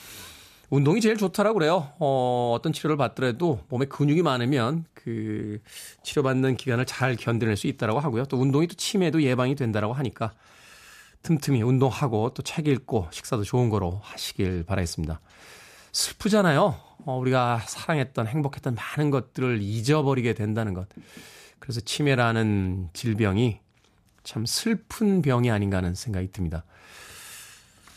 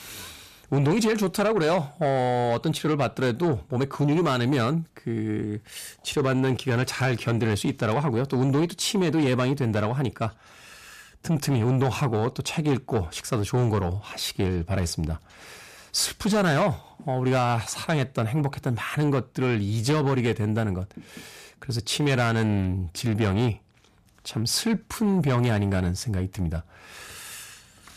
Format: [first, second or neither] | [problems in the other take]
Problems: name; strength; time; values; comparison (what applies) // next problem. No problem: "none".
first | distortion; slight; 10 dB below the speech